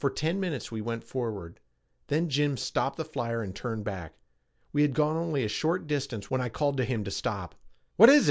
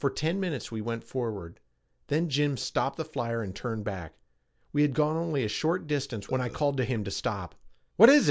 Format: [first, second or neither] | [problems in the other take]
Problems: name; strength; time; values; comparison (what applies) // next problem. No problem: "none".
first | background sound (Burping, eructation); 18 dB below the speech